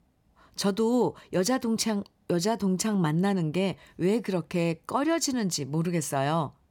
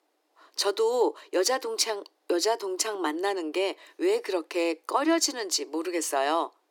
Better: first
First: none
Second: thin; very; fading below 300 Hz

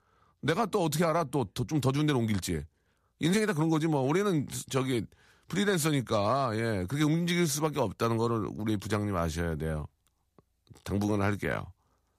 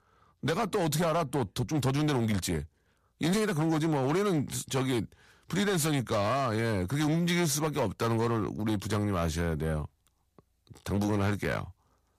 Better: first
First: none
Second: distortion; slight; 12% of the sound clipped

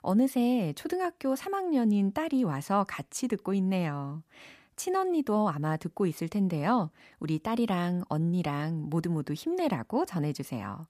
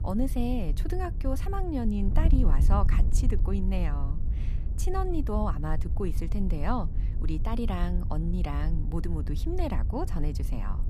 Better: first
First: none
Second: wind noise on the microphone; occasional gusts; 10 dB below the speech

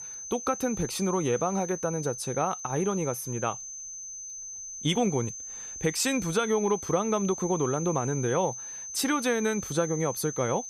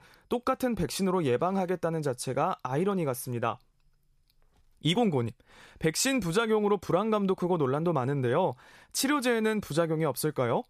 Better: second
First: high-pitched whine; loud; throughout; 6 kHz, 8 dB below the speech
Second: none

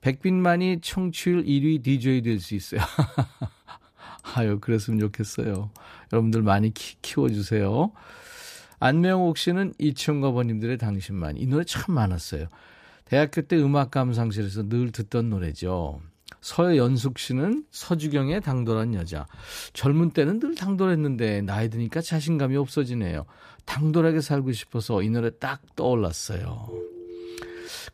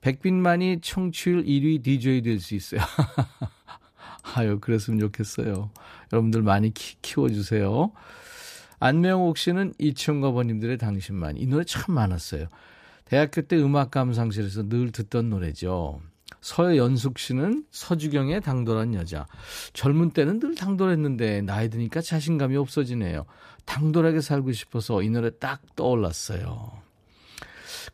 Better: second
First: phone ringing; faint; from 27 s on; peak 10 dB below the speech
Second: none

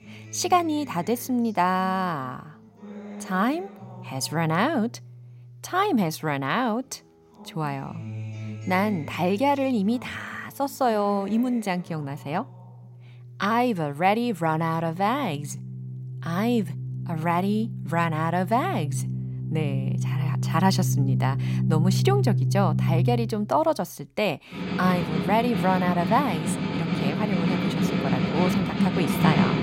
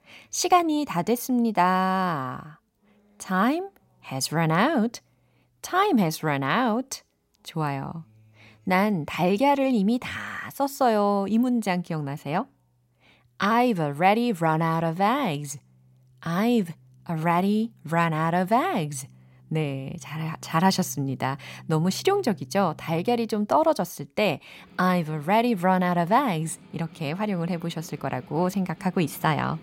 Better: second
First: background music; loud; throughout; 2 dB below the speech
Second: background music; faint; throughout; 25 dB below the speech

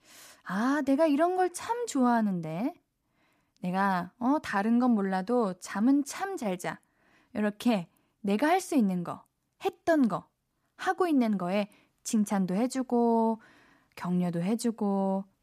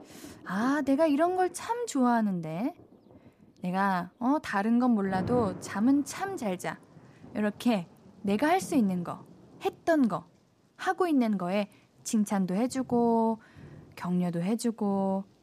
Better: first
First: none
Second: rain or running water; noticeable; throughout; 15 dB below the speech

